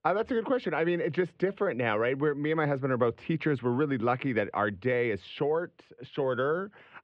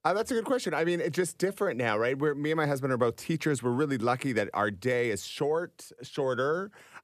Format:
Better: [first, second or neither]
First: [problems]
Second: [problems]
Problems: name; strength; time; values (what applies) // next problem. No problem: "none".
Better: second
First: muffled; very; fading above 3 kHz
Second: none